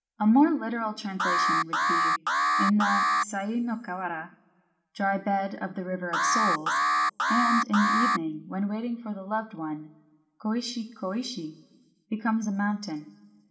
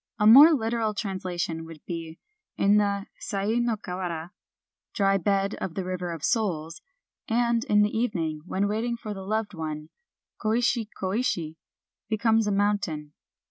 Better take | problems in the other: second | background sound (Alarm); 3 dB above the speech // room echo; dies away in 1.6 s

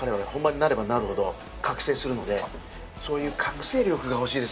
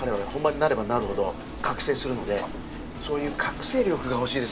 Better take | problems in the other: first | background sound (Rain); 11 dB below the speech

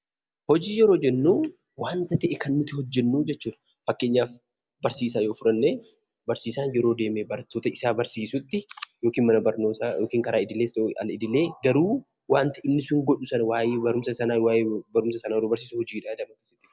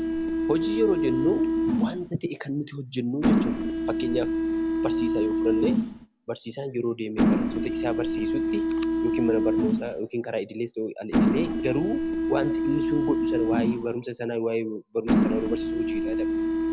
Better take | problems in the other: first | background sound (Mechanisms); 4 dB above the speech

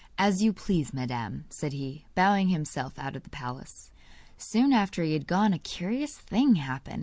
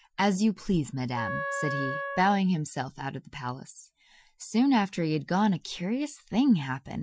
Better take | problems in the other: first | noise reduction (classical method Wiener filter)

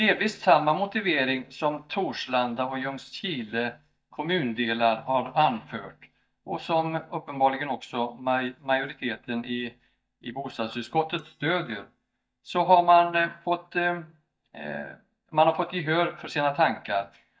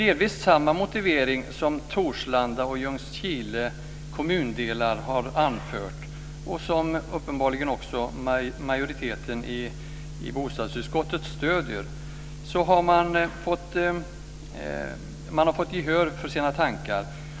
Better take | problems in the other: second | noise reduction (neural mask model DeepFilterNet 3)

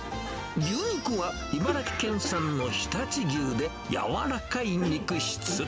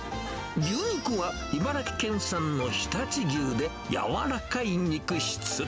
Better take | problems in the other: second | background sound (Cough); 12 dB below the speech

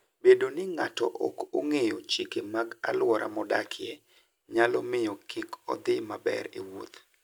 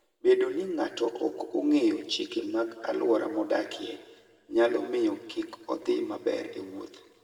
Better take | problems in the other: first | room echo; dies away in 1.3 s

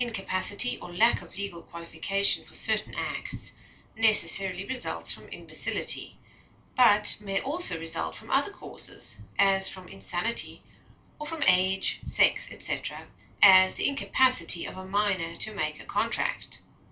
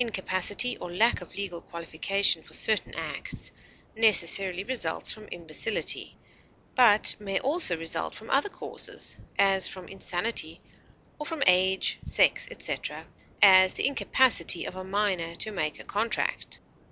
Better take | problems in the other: second | room echo; dies away in 0.2 s

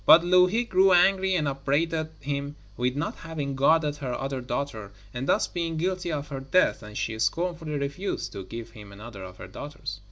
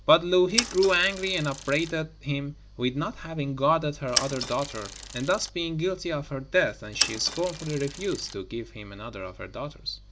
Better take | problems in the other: first | background sound (Mechanisms / Bicycle); 5 dB below the speech

